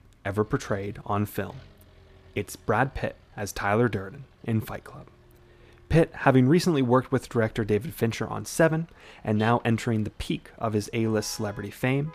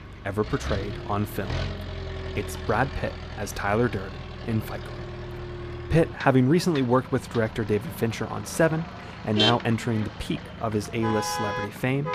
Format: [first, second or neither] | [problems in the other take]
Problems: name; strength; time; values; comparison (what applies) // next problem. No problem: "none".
first | traffic noise; loud; throughout; 7 dB below the speech; faint in the first